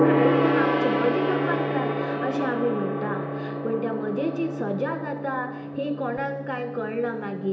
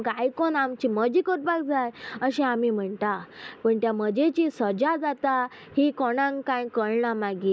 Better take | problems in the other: second | background sound (Gong); 3 dB above the speech // room echo; dies away in 0.8 s

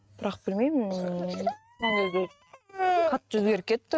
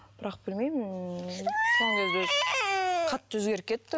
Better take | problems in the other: second | noise reduction (neural mask model RNNoise)

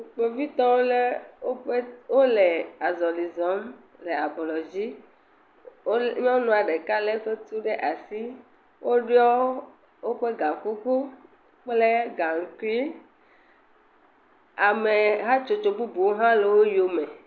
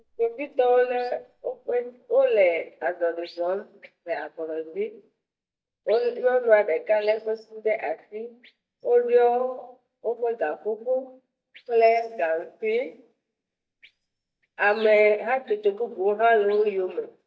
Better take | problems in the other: first | noise reduction (neural mask model DeepFilterNet 3)

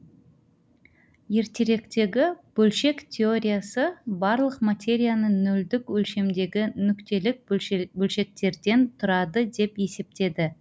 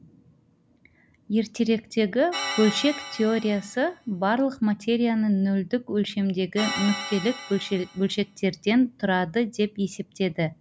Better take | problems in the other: first | background sound (Organ); 10 dB below the speech

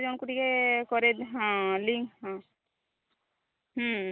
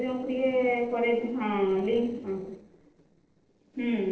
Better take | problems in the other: first | noise reduction (neural separator model SepFormer DNS4)

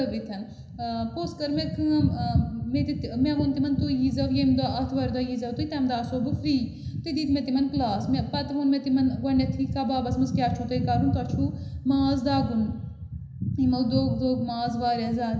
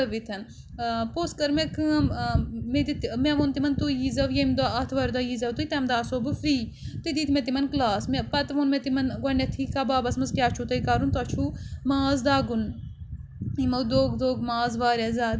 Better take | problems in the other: second | room echo; dies away in 0.9 s

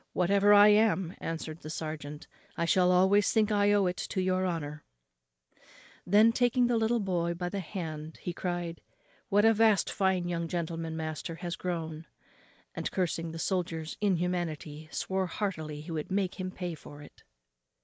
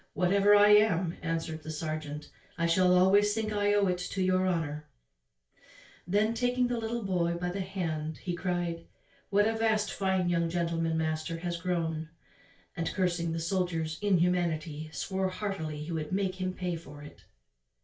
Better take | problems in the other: first | room echo; dies away in 0.2 s

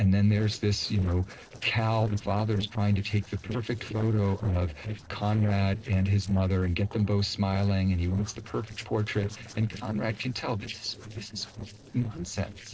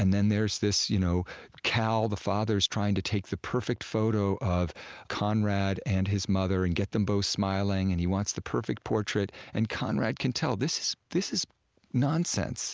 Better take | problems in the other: second | noise reduction (neural separator model SepFormer DNS4)

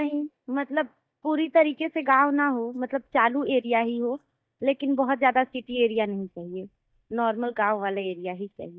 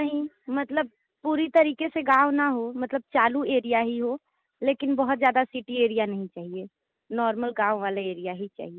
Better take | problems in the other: second | noise reduction (neural mask model DeepFilterNet 3)

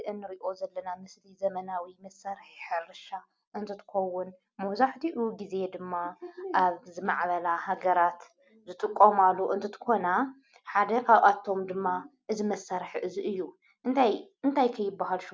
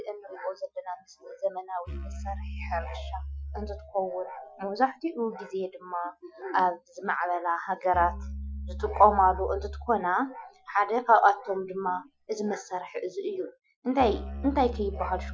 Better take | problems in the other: first | noise reduction (classical method Wiener filter)

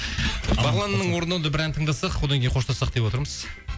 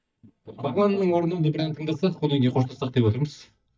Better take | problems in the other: first | noise reduction (neural mask model DeepFilterNet 3)

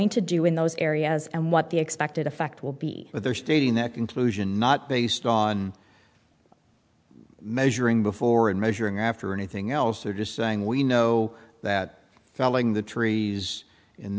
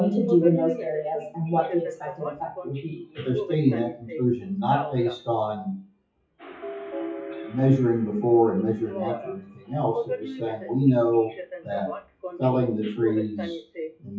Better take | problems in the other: first | noise reduction (classical method WPE with log-MMSE)

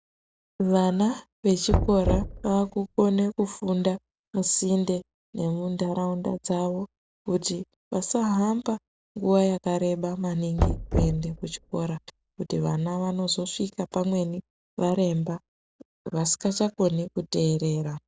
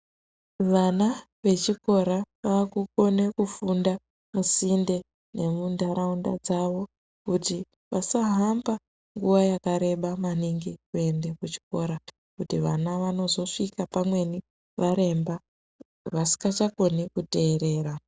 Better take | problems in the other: second | background sound (Knock); 4 dB below the speech

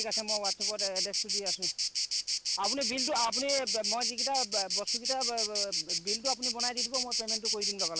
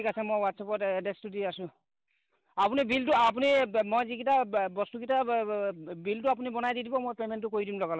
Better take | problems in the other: second | background sound (Insect); 4 dB above the speech

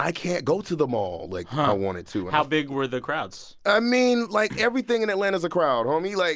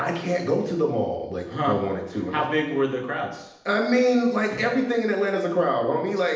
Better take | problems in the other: first | room echo; dies away in 0.8 s

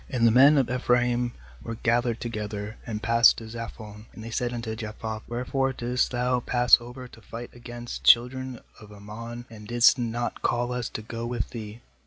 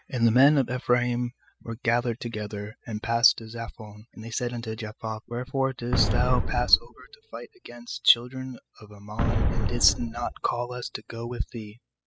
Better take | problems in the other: first | noise reduction (classical method spectral subtraction)

